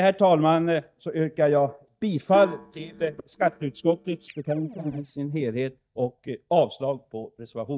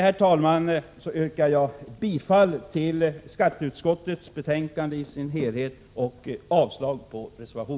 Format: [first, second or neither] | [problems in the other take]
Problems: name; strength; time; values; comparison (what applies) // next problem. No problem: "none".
second | noise reduction (neural mask model DeepFilterNet 3)